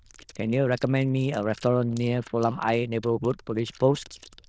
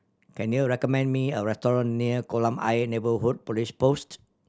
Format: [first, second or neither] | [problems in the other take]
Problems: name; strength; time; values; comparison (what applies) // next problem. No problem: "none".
second | noise reduction (neural diffusion model UNIVERSE++)